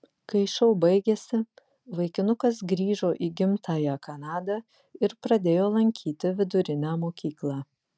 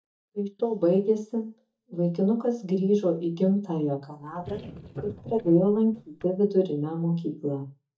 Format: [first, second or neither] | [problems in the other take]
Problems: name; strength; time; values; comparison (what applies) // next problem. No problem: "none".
first | noise reduction (neural mask model DeepFilterNet 3)